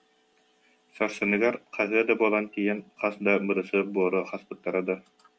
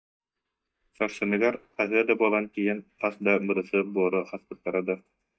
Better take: first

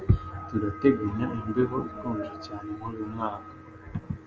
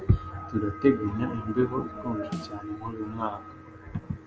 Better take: first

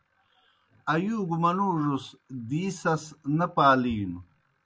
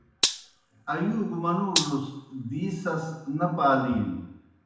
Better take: first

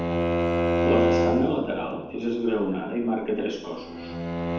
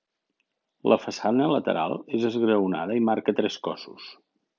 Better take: second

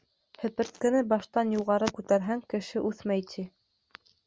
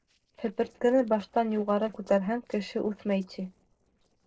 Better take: first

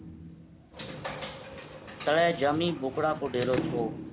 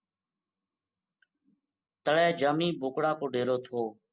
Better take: second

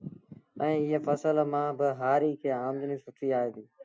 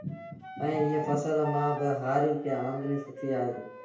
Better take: first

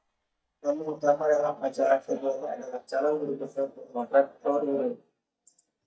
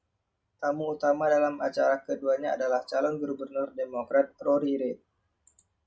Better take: second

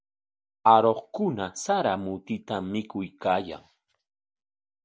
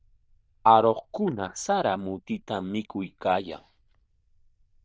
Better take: first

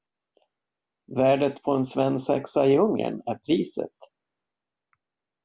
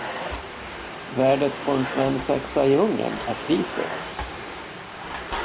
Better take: first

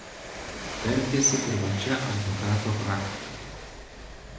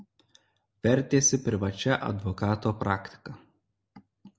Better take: second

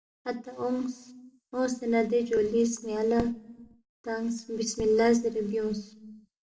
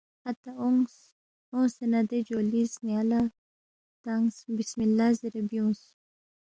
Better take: second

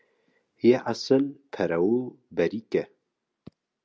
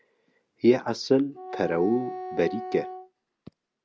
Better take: first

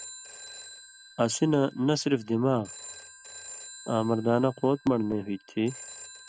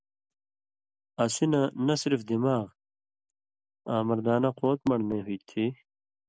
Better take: second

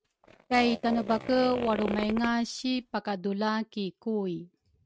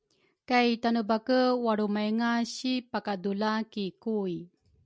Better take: second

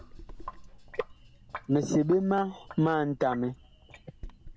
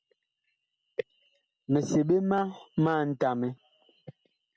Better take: second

